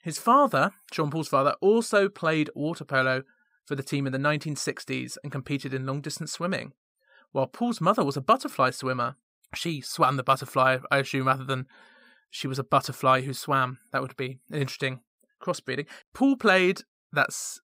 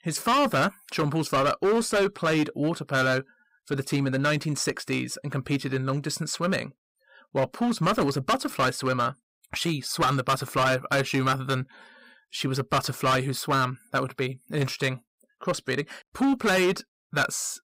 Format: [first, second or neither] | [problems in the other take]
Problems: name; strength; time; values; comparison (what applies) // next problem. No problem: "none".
first | distortion; heavy; 10% of the sound clipped